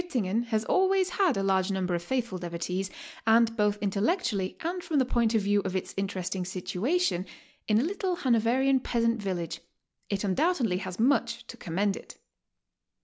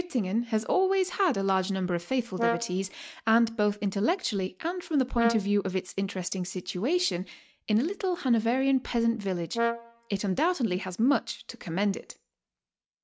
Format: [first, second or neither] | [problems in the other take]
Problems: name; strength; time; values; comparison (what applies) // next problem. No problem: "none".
first | noise reduction (neural mask model RNNoise)